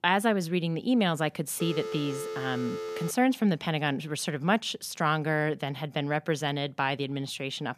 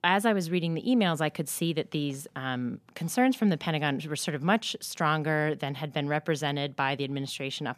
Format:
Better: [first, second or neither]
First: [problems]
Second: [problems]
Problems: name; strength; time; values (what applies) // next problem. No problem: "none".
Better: second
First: phone ringing; noticeable; from 1.5 to 3 s; peak 7 dB below the speech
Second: none